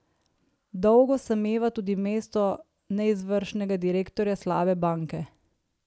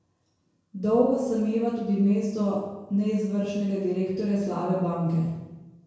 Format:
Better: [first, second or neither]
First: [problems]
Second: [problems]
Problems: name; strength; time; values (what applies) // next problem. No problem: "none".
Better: first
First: none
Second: room echo; dies away in 1 s